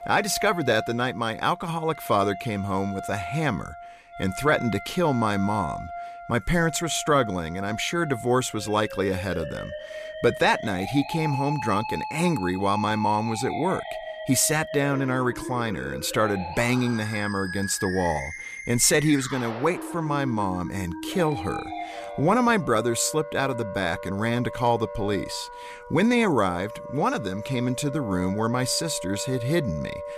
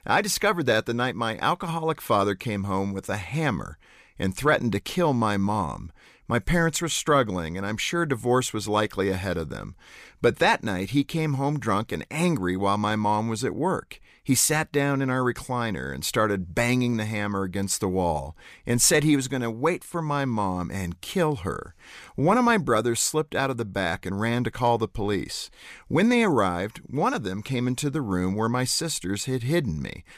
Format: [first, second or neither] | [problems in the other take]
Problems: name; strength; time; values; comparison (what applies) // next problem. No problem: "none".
second | background music; noticeable; throughout; 10 dB below the speech